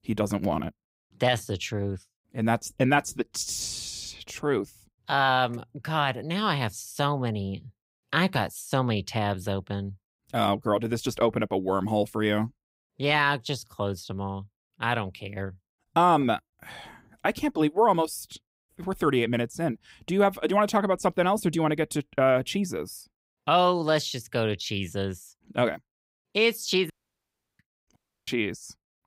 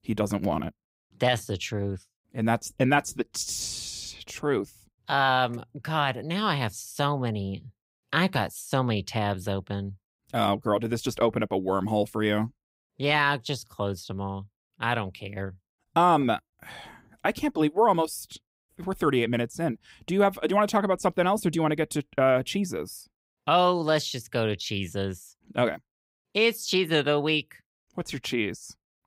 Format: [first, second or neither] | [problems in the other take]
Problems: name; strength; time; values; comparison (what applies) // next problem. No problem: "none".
second | audio cutting out; at 27 s for 0.5 s and at 28 s